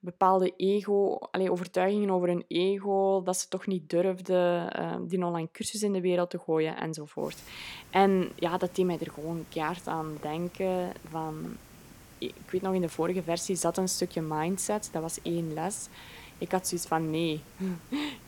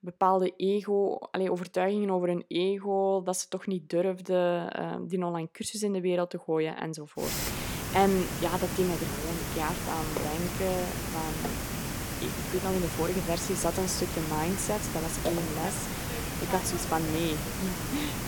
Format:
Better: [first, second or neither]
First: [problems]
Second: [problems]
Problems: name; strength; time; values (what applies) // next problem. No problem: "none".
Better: first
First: hiss; faint; from 7 s on; 20 dB below the speech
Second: hiss; loud; from 7 s on; 3 dB below the speech